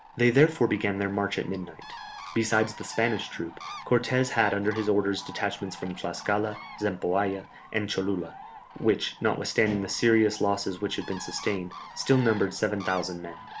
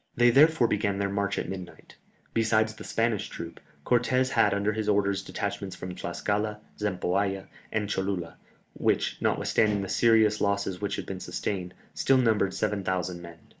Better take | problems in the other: second | background sound (Bird); 17 dB below the speech

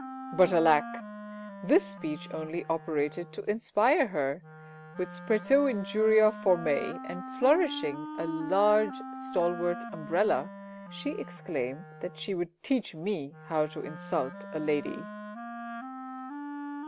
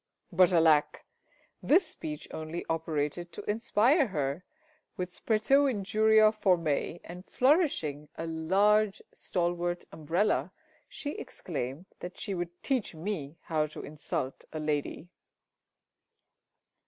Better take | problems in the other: second | background sound (Wind instrument, woodwind instrument); 12 dB below the speech

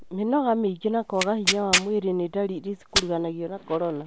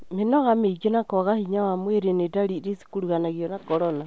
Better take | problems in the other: second | background sound (Tearing); 2 dB below the speech

